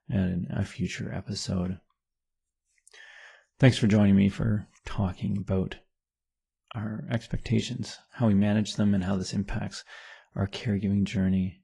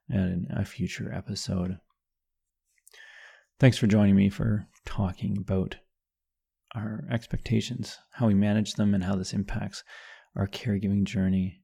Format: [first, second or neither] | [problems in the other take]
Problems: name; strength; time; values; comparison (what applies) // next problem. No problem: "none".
second | garbled, watery; slightly; nothing above 10.5 kHz